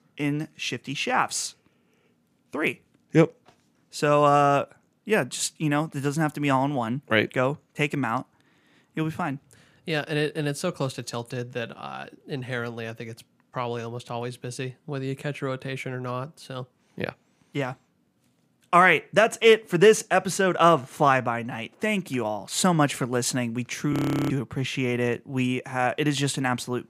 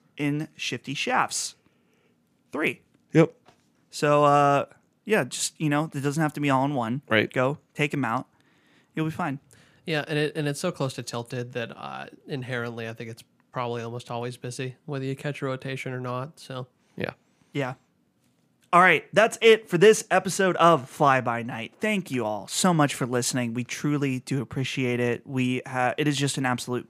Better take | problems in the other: second | audio freezing; at 24 s

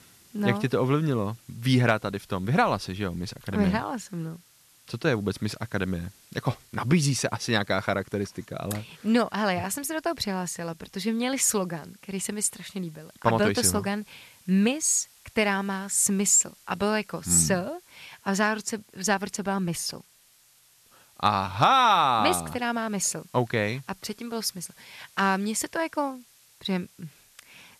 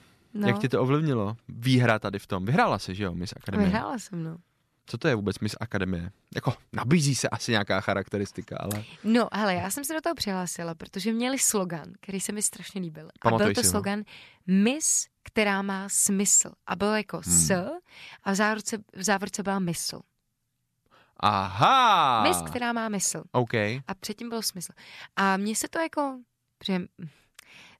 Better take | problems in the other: second | hiss; faint; throughout; 30 dB below the speech

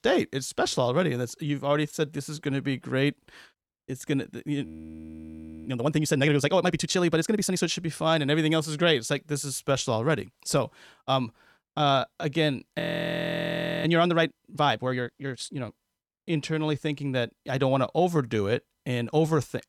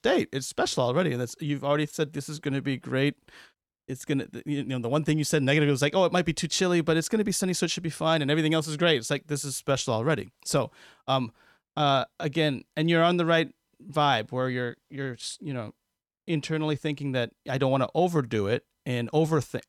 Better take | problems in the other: second | audio freezing; at 4.5 s for 1 s and at 13 s for 1 s

